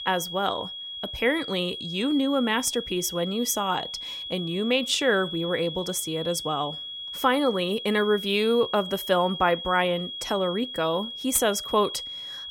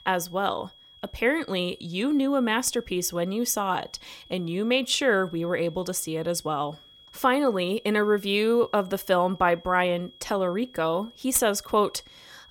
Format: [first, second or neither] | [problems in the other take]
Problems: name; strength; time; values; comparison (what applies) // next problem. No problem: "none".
second | high-pitched whine; loud; throughout; 3.5 kHz, 8 dB below the speech; faint in the second